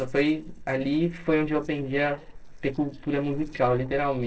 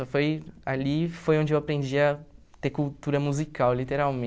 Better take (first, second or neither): second